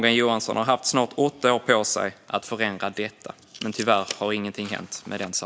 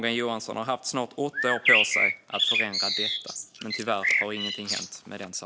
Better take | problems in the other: first | background sound (Bird); 5 dB above the speech

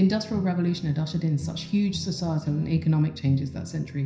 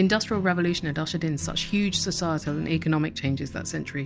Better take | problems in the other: second | room echo; dies away in 0.5 s

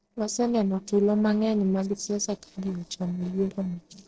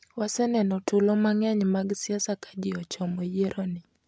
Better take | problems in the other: second | noise reduction (neural separator model SepFormer DNS4)

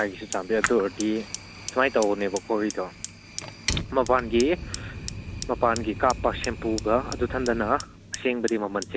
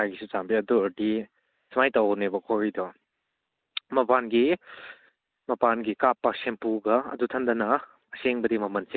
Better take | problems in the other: second | background sound (Fire); 9 dB below the speech

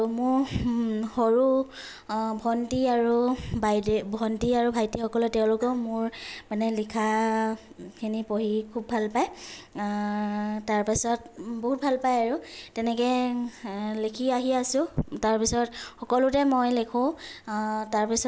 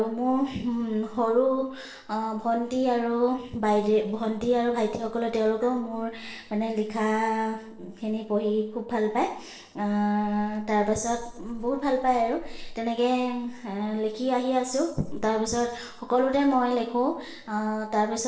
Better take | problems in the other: first | noise reduction (neural separator model SepFormer DNS4)

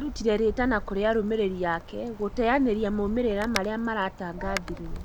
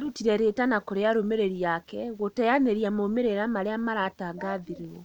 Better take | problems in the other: second | background sound (Wind); 11 dB below the speech

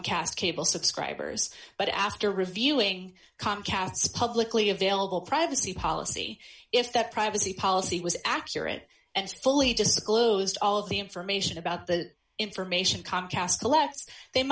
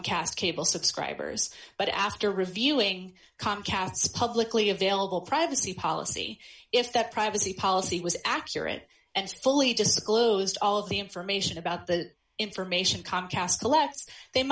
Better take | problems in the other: second | background sound (Bass drum); 18 dB below the speech

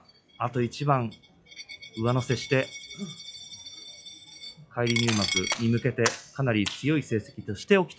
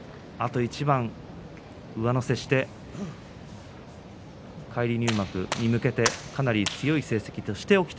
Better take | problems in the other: second | noise reduction (classical method log-MMSE)

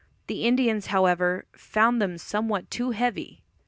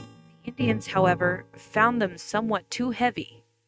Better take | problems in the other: first | noise reduction (neural mask model RNNoise)

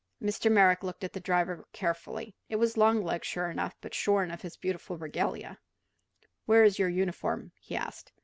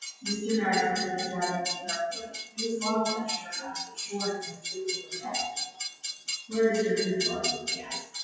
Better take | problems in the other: first | noise reduction (classical method WPE with log-MMSE)

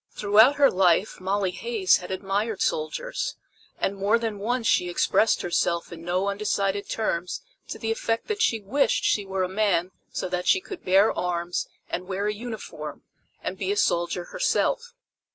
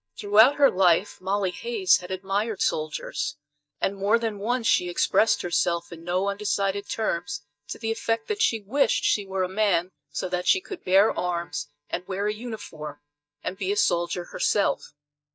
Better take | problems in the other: first | noise reduction (neural mask model DeepFilterNet 3)

